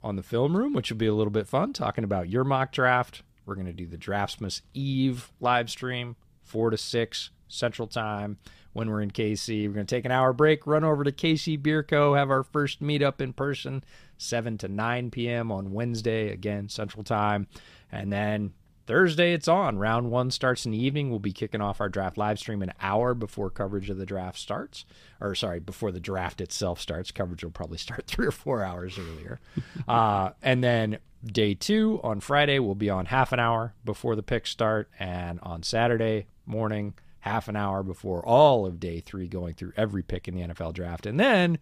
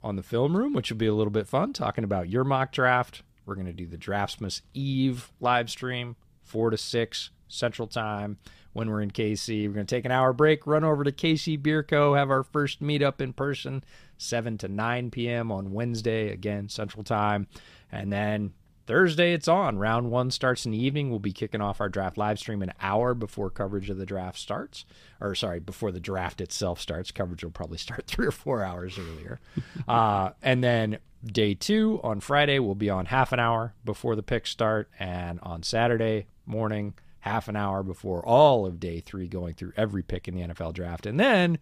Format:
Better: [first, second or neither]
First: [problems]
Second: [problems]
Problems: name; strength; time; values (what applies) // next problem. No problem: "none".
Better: neither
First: none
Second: none